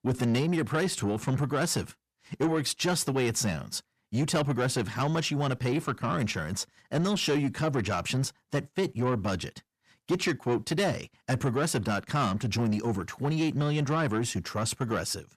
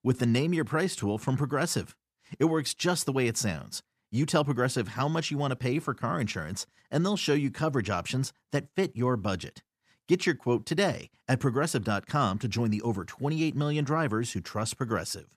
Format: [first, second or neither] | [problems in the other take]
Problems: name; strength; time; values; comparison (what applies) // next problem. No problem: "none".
second | distortion; slight; 10 dB below the speech